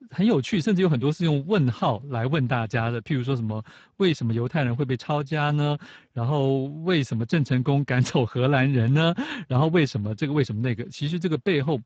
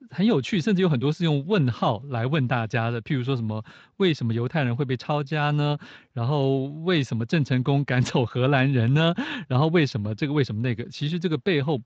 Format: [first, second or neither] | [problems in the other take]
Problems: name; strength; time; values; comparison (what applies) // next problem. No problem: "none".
second | garbled, watery; badly; nothing above 7.5 kHz; slightly in the second